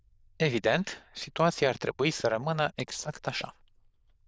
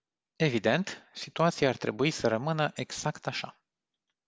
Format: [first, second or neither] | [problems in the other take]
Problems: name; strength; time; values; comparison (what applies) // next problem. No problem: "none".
second | noise reduction (neural diffusion model UNIVERSE++)